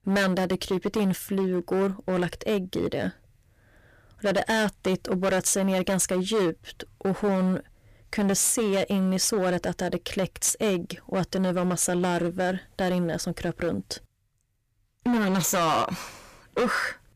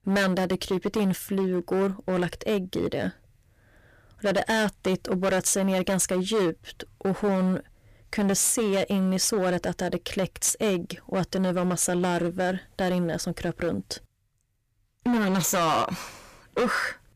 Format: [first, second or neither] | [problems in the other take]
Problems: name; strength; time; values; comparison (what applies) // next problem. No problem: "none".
neither | distortion; heavy; 14% of the sound clipped; the same in both